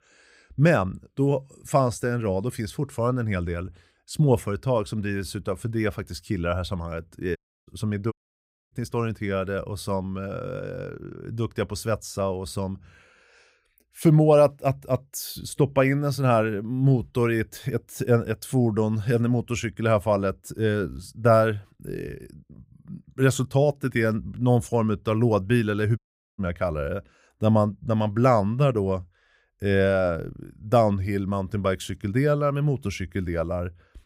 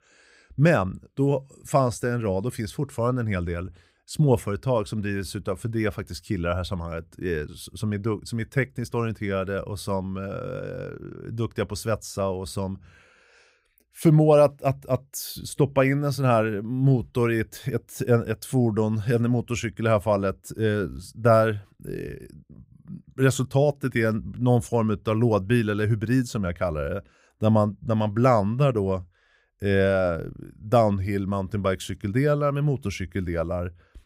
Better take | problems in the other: second | audio cutting out; at 7.5 s, at 8 s for 0.5 s and at 26 s

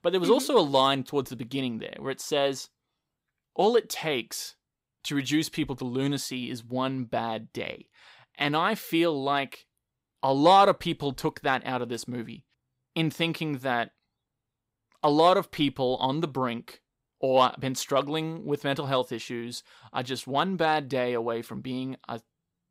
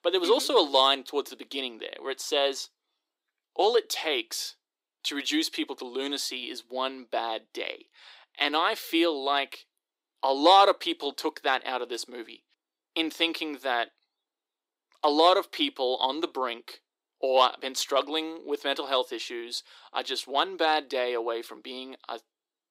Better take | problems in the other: first | thin; somewhat; fading below 300 Hz

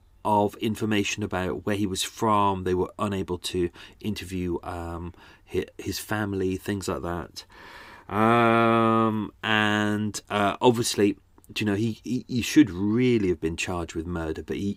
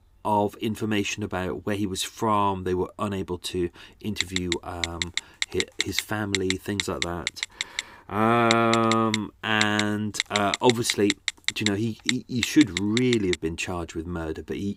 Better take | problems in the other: first | phone ringing; noticeable; from 4 to 13 s; peak 1 dB below the speech

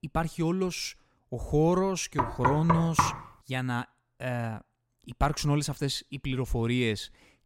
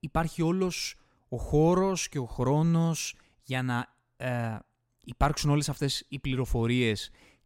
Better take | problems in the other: second | door banging; loud; at 2 s; peak 3 dB above the speech

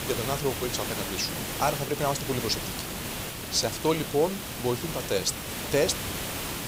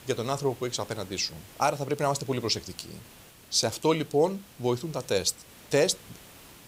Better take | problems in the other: second | hiss; loud; throughout; 4 dB below the speech; faint in the second

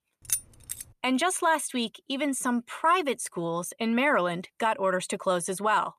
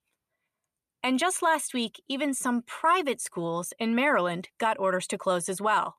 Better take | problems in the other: second | jangling keys; noticeable; at 0.5 s; peak 2 dB below the speech

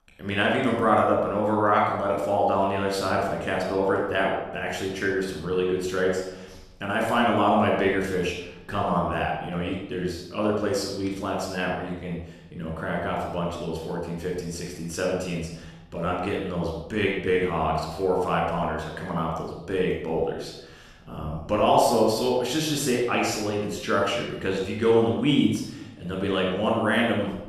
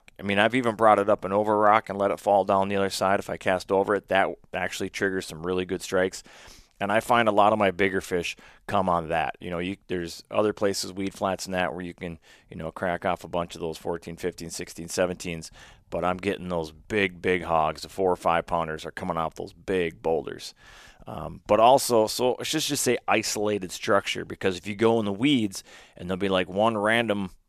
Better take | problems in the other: second | off-mic speech; far // room echo; noticeable; dies away in 0.8 s

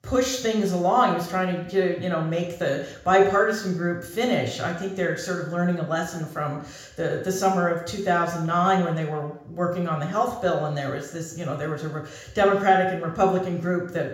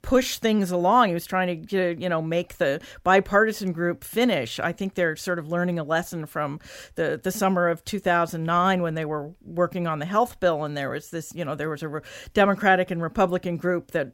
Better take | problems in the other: second | room echo; noticeable; dies away in 0.6 s // off-mic speech; somewhat distant

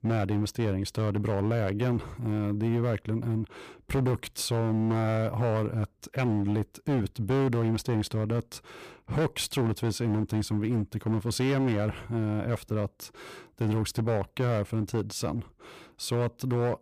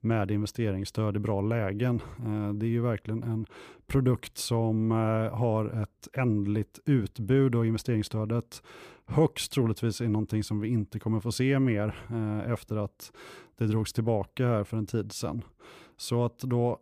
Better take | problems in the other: second | distortion; slight; 18% of the sound clipped

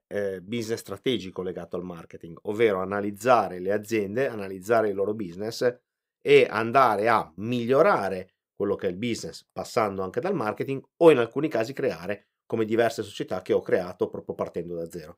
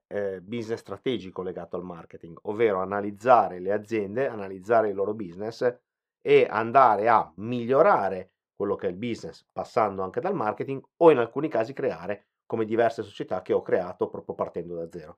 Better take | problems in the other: first | muffled; slightly; fading above 3 kHz

